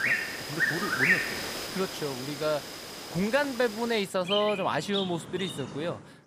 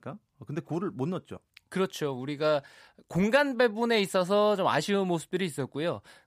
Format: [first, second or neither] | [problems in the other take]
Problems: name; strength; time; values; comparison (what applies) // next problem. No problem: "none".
second | animal sounds; loud; throughout; as loud as the speech